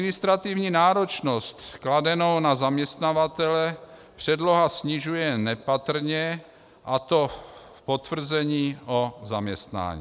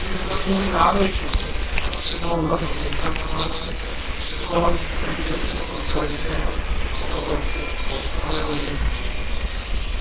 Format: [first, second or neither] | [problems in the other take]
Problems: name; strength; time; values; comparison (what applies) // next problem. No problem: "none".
first | noise reduction (neural separator model SepFormer WHAMR!)